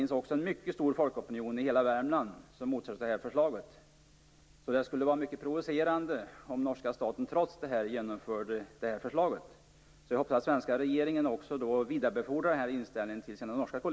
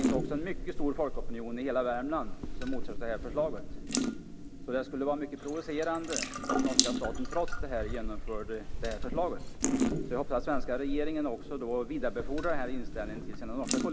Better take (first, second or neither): first